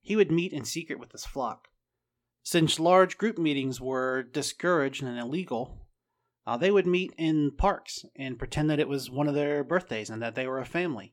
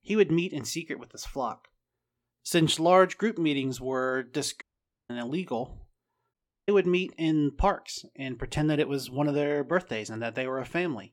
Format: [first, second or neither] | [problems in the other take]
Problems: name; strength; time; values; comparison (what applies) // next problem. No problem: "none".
first | audio cutting out; at 4.5 s and at 6.5 s